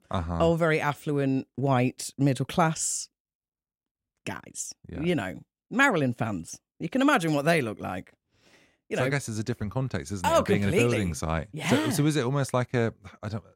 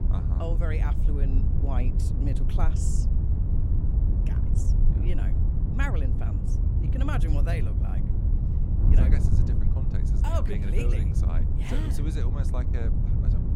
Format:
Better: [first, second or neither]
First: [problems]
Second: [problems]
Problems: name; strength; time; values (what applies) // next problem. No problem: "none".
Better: first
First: none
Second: wind noise on the microphone; heavy; 2 dB below the speech